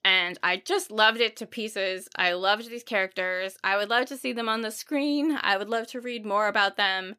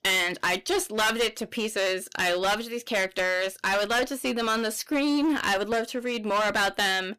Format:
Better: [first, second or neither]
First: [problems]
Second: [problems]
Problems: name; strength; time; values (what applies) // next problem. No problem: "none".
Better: first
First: none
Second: distortion; heavy; 17% of the sound clipped